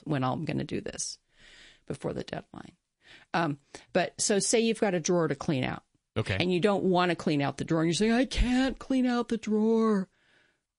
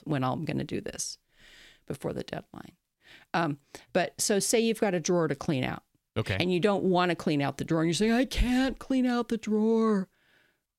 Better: second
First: garbled, watery; slightly; nothing above 10.5 kHz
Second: none

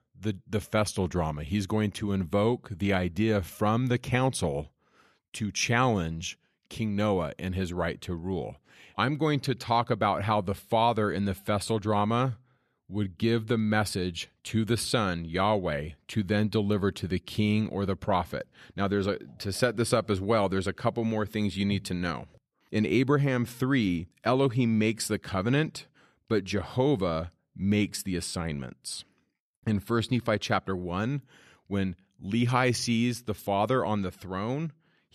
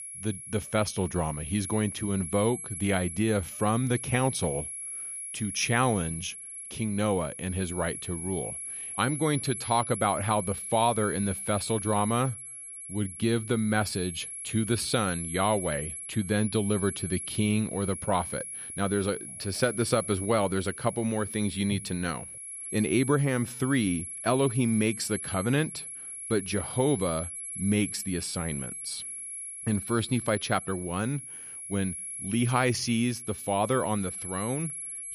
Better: first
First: none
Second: high-pitched whine; loud; throughout; 11 kHz, 7 dB below the speech

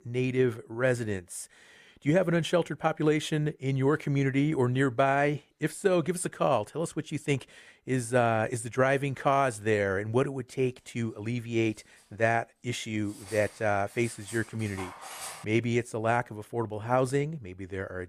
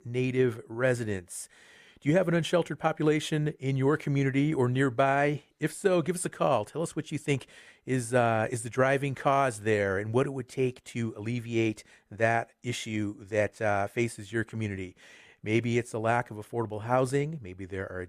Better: second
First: clattering dishes; faint; from 13 to 15 s; peak 10 dB below the speech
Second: none

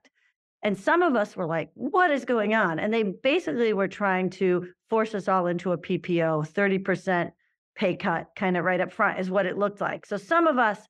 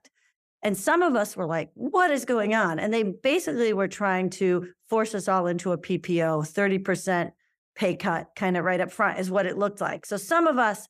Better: second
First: muffled; slightly; fading above 3 kHz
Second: none

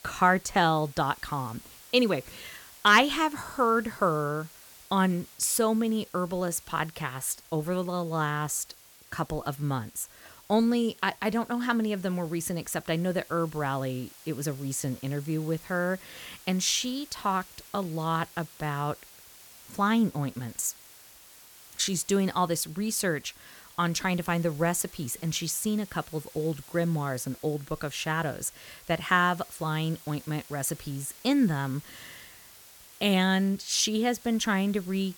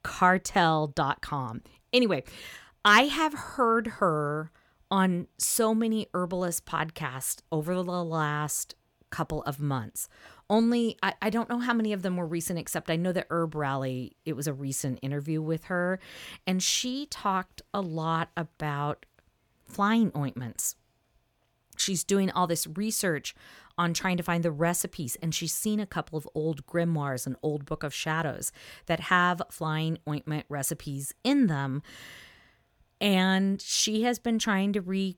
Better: second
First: hiss; faint; throughout; 20 dB below the speech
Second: none

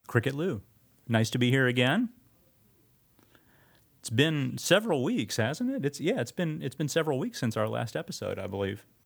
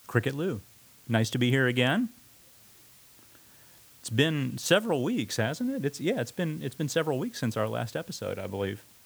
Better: first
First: none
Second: hiss; faint; throughout; 25 dB below the speech

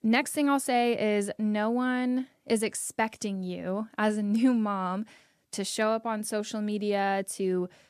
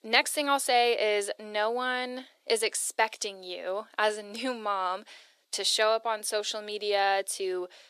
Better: first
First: none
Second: thin; very; fading below 400 Hz

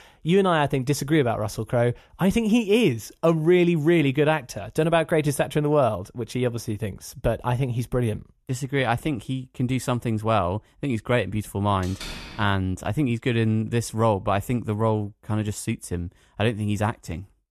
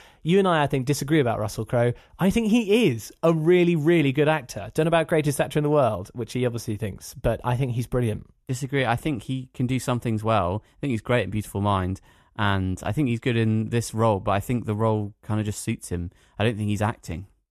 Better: second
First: door banging; faint; at 12 s; peak 10 dB below the speech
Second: none

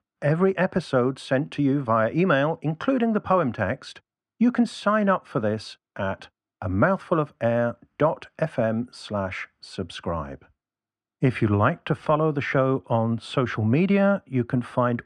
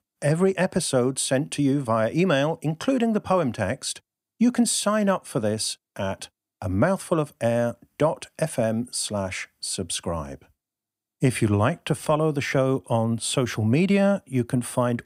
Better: second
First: muffled; slightly; fading above 2.5 kHz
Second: none

